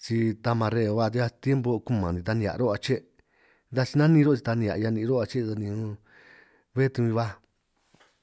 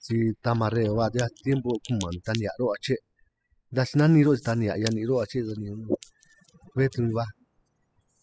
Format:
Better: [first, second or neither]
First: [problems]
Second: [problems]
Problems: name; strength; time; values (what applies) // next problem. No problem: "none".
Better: first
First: none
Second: noise reduction (classical method spectral subtraction)